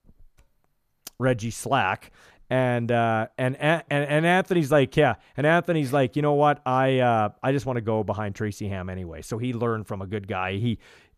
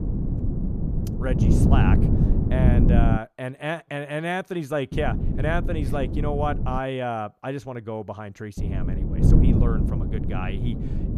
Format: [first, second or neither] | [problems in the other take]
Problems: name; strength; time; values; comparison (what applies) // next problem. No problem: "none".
first | wind noise on the microphone; heavy; until 3 s, from 5 to 7 s and from 8.5 s on; 3 dB below the speech